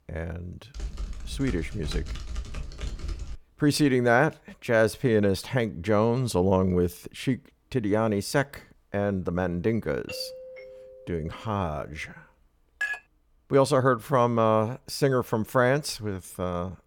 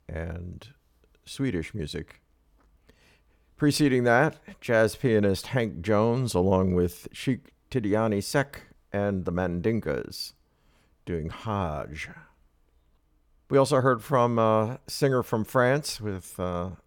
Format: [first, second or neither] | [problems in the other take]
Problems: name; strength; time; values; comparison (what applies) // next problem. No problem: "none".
second | keyboard typing; noticeable; from 1 to 3.5 s; peak 9 dB below the speech // doorbell; faint; from 10 to 12 s; peak 15 dB below the speech // clattering dishes; noticeable; at 13 s; peak 5 dB below the speech